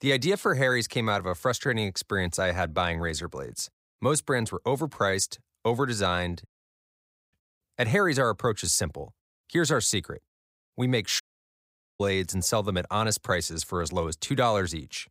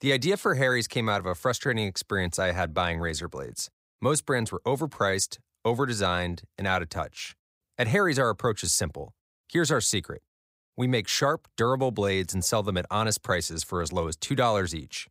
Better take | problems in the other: second | audio cutting out; at 6.5 s for 1 s and at 11 s for 1 s

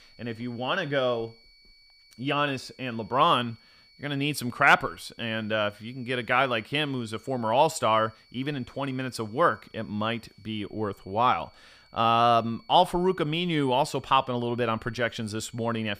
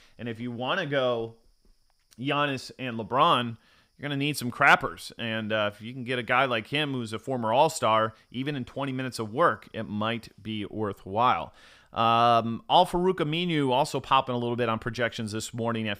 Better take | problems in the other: second | high-pitched whine; faint; throughout; 4.5 kHz, 30 dB below the speech

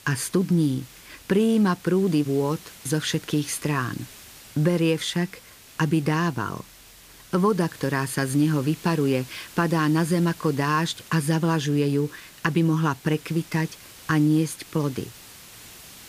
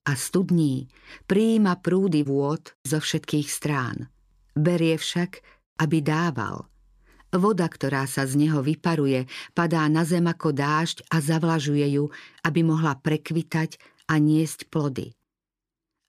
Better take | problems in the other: second | hiss; noticeable; throughout; 20 dB below the speech

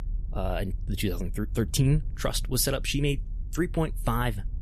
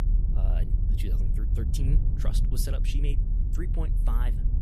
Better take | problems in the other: first | low rumble; loud; throughout; 3 dB below the speech; faint in the first

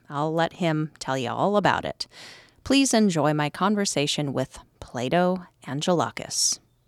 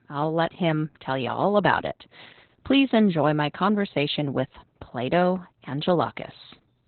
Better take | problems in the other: first | garbled, watery; badly; nothing above 4 kHz

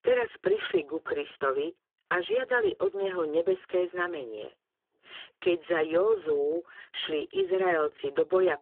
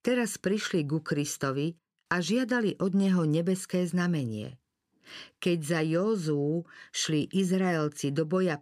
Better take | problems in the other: second | phone-call audio; poor line; nothing above 3.5 kHz

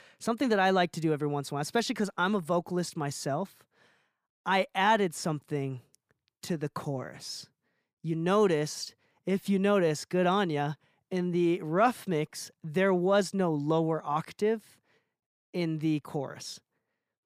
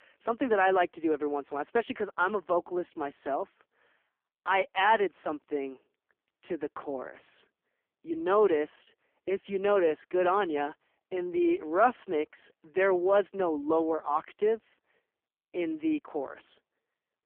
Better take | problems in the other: first | phone-call audio; poor line; nothing above 3 kHz

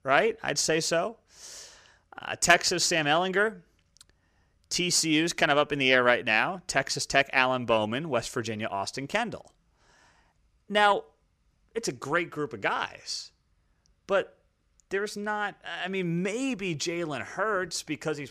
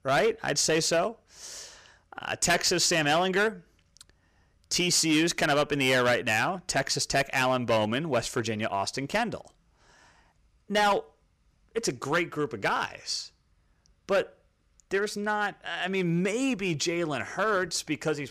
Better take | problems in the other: first | distortion; heavy; 5% of the sound clipped

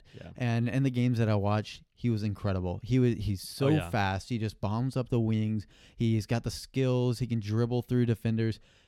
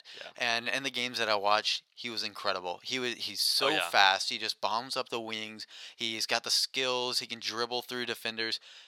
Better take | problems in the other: first | thin; very; fading below 950 Hz

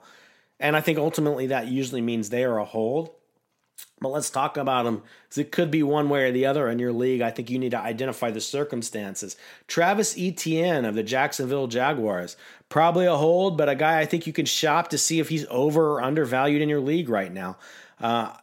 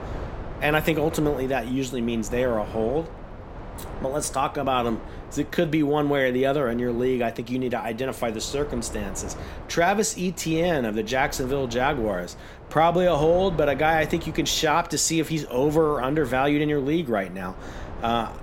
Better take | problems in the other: first | wind noise on the microphone; occasional gusts; 20 dB below the speech

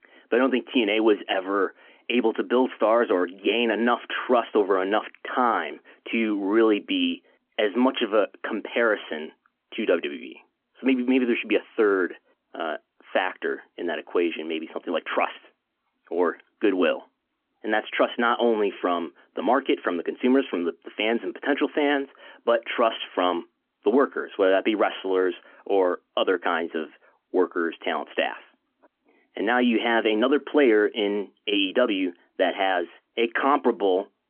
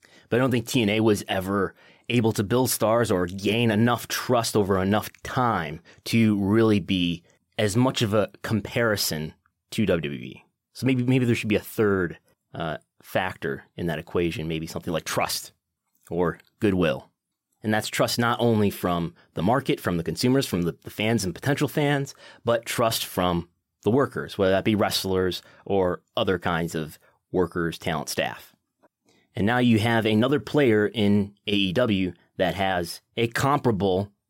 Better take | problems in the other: second | phone-call audio; nothing above 3.5 kHz

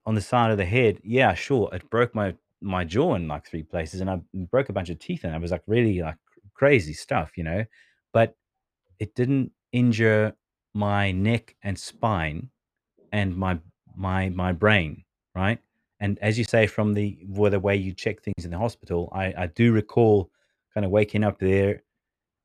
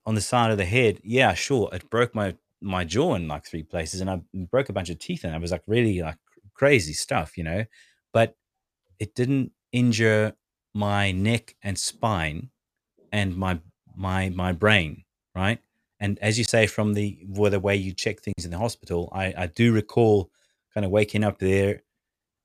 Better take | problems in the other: second | muffled; slightly; fading above 3.5 kHz

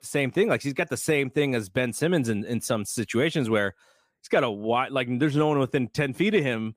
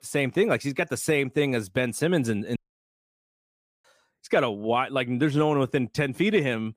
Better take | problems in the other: first | audio cutting out; at 2.5 s for 1.5 s

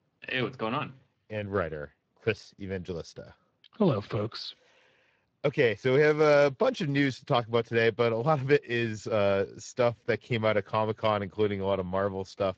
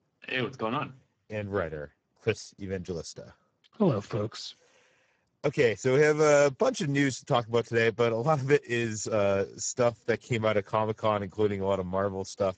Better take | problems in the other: first | garbled, watery; badly; nothing above 7.5 kHz; slightly in the first

